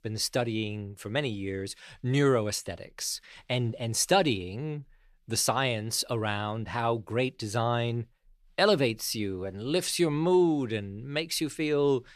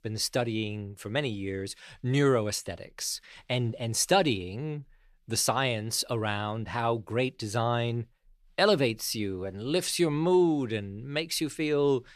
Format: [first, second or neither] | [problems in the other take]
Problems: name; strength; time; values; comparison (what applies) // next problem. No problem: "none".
neither | none